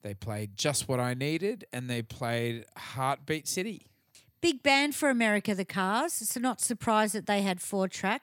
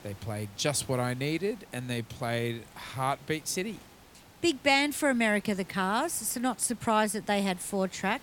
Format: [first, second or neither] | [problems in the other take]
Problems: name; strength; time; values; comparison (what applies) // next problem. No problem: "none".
first | hiss; faint; throughout; 25 dB below the speech